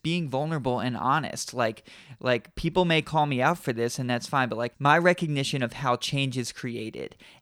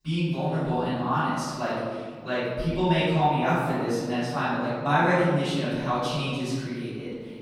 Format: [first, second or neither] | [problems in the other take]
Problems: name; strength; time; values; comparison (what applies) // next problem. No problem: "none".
first | off-mic speech; far // room echo; strong; dies away in 1.8 s